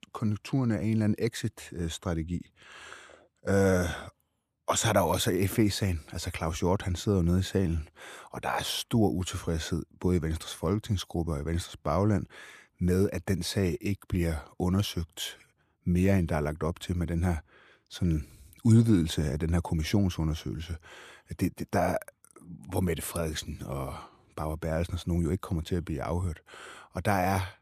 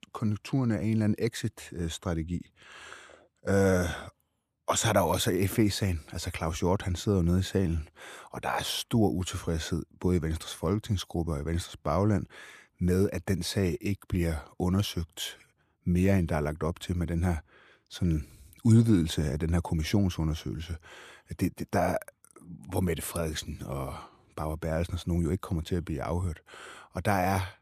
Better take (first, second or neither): neither